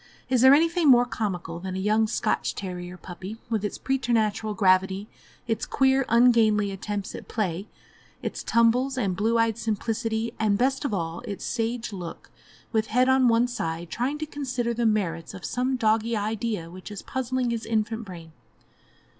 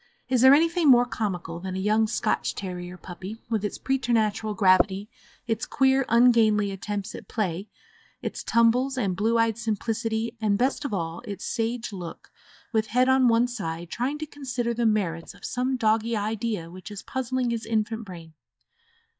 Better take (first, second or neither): first